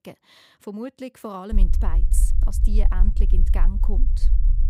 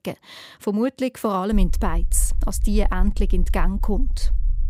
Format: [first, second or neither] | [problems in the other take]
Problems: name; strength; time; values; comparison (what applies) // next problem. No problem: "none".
second | low rumble; loud; from 1.5 s on; 9 dB below the speech; faint in the second